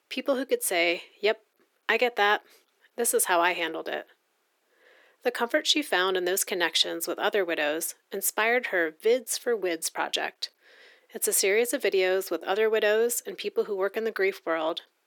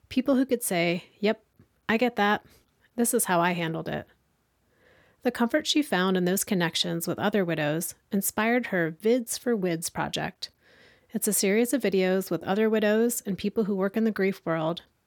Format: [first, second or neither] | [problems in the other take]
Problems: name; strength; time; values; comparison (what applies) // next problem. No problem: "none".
second | thin; very; fading below 350 Hz